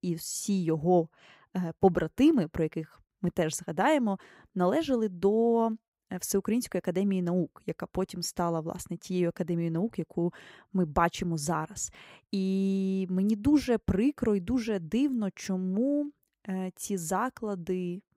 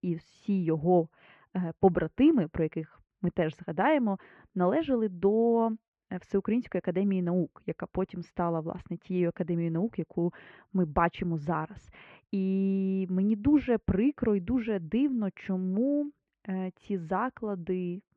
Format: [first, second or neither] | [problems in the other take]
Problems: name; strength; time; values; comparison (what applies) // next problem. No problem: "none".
first | muffled; very; fading above 2.5 kHz